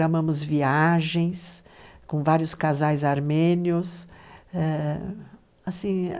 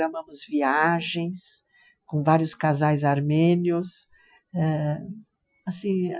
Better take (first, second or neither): first